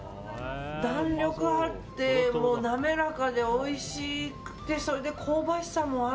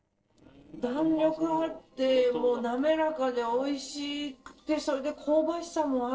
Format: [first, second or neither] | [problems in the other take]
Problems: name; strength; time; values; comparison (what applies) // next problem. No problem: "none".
first | noise reduction (neural separator model SepFormer DNS4)